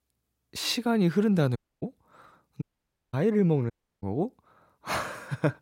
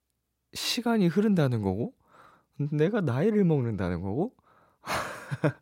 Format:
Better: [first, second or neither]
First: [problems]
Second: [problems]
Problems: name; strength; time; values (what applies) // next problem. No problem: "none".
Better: second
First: audio cutting out; at 1.5 s, at 2.5 s for 0.5 s and at 3.5 s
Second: none